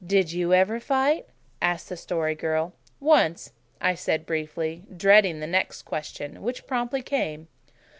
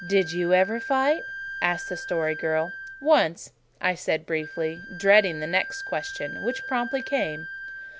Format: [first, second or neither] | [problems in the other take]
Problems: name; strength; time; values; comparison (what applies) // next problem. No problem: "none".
first | background sound (Wind instrument, woodwind instrument); 11 dB below the speech